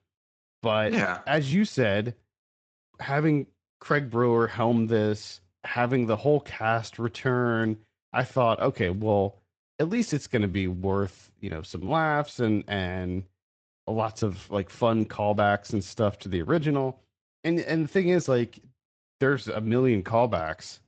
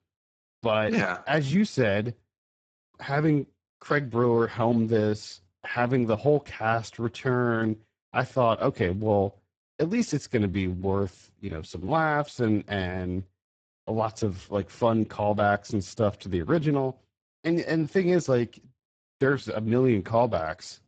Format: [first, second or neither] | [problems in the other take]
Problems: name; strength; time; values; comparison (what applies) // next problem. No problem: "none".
first | garbled, watery; badly; nothing above 8 kHz; slightly in the first